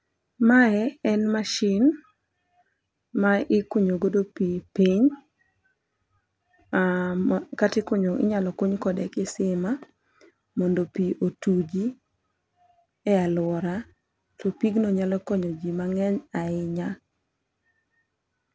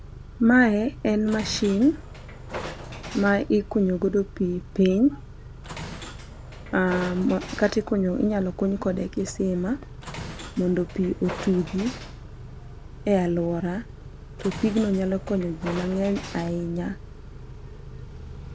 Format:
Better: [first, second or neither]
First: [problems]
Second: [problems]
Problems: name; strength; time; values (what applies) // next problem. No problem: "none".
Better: first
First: none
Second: background sound (Idling / Accelerating, revving, vroom / Car + Train); 12 dB below the speech